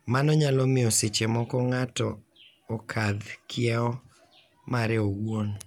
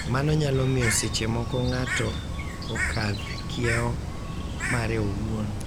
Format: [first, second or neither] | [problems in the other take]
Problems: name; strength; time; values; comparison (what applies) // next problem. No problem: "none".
first | background sound (Bird); 2 dB below the speech